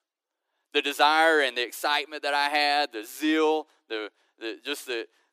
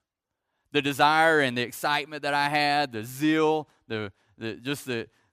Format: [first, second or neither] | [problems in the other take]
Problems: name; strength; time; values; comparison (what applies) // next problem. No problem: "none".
second | thin; somewhat; fading below 300 Hz